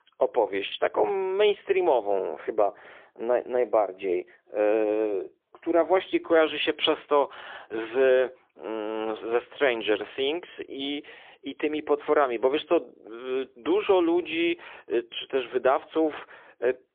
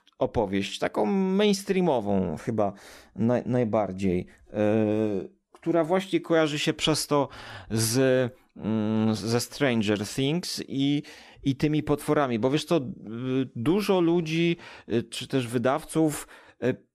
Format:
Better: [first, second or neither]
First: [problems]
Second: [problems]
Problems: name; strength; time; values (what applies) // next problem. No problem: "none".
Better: second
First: phone-call audio; poor line; nothing above 3.5 kHz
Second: none